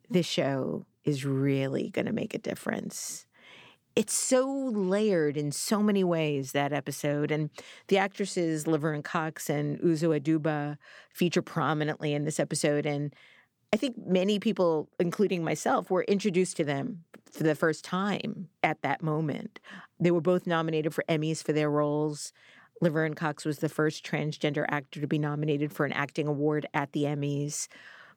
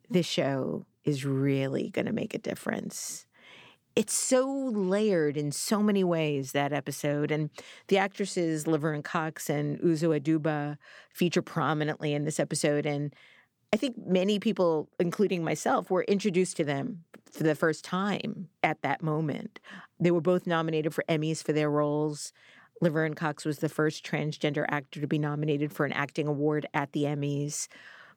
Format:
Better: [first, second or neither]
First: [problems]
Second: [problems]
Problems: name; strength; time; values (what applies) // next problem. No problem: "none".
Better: neither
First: none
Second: none